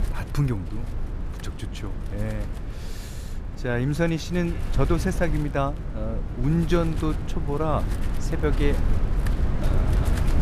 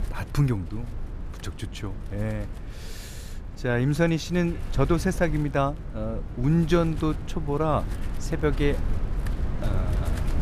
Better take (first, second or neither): second